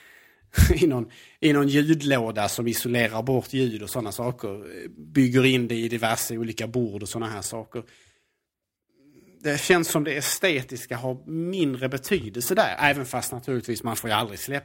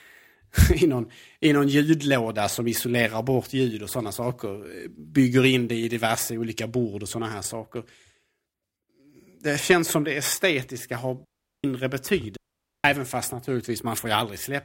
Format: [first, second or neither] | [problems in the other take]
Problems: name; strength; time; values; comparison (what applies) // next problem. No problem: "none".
first | audio cutting out; at 11 s and at 12 s